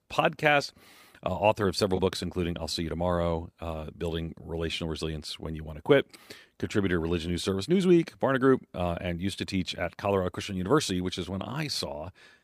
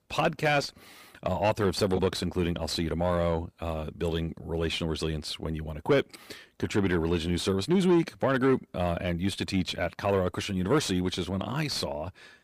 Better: first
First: none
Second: distortion; slight; 10 dB below the speech

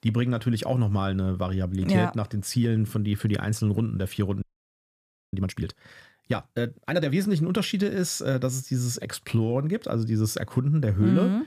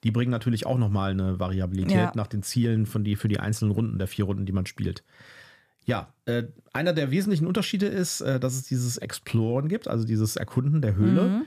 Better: second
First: audio freezing; at 4.5 s for 1 s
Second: none

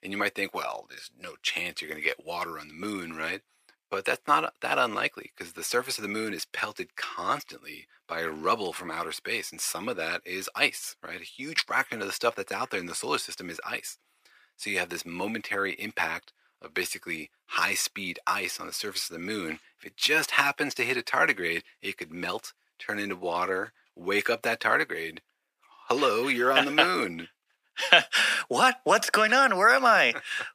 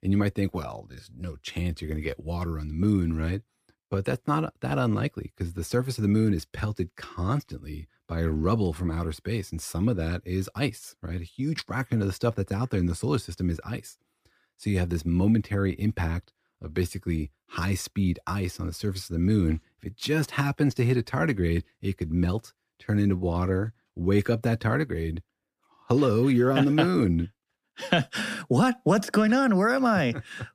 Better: second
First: thin; very; fading below 700 Hz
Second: none

